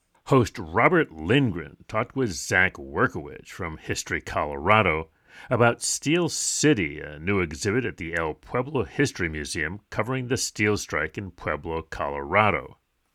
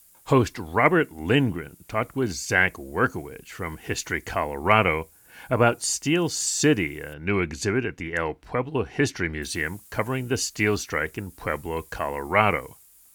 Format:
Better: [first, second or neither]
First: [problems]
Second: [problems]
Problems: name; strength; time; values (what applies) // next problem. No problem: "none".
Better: first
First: none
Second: hiss; faint; until 7 s and from 9.5 s on; 25 dB below the speech